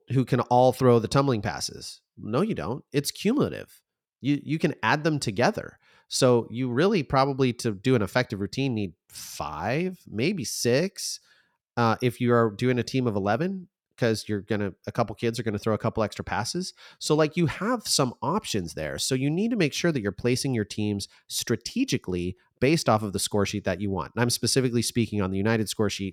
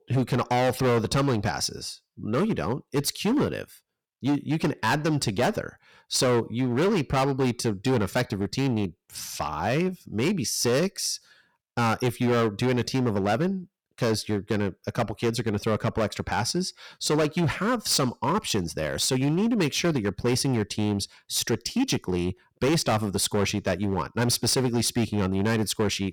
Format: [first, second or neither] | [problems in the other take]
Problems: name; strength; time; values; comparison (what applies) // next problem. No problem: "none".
first | distortion; heavy; 12% of the sound clipped